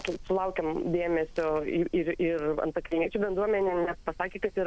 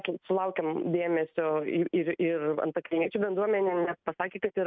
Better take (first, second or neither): second